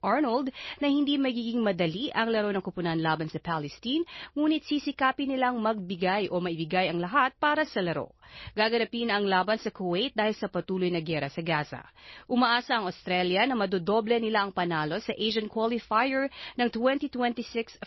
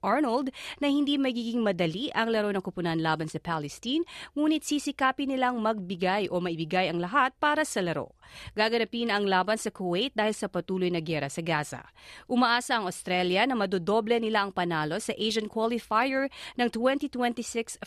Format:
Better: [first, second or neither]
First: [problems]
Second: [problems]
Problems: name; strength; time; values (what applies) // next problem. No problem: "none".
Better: second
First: garbled, watery; slightly; nothing above 5.5 kHz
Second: none